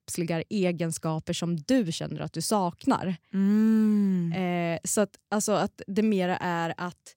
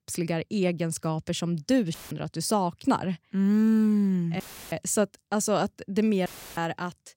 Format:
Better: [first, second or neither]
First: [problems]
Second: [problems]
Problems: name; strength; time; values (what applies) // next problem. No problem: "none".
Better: first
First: none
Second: audio cutting out; filled with static; at 2 s, at 4.5 s and at 6.5 s